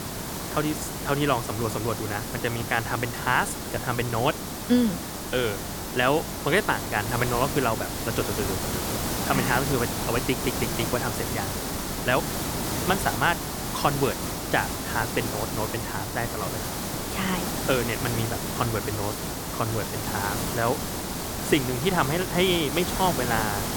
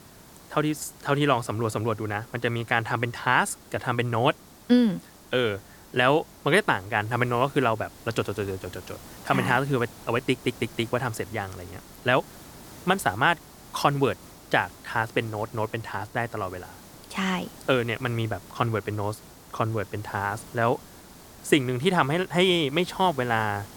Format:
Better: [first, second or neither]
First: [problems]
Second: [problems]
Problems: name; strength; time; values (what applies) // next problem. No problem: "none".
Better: second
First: hiss; loud; throughout; 2 dB below the speech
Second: hiss; faint; throughout; 20 dB below the speech